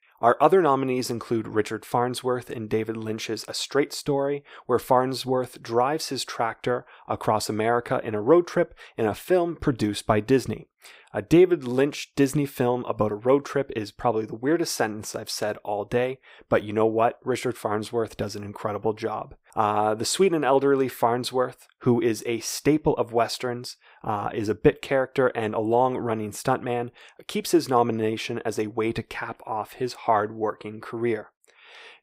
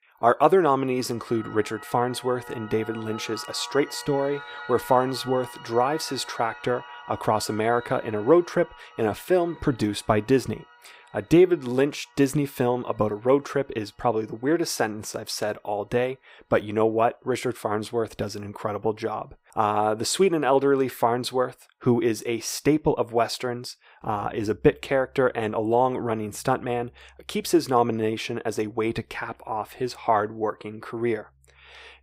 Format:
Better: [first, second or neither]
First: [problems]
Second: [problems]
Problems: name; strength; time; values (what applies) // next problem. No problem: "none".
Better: first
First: none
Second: background music; noticeable; throughout; 20 dB below the speech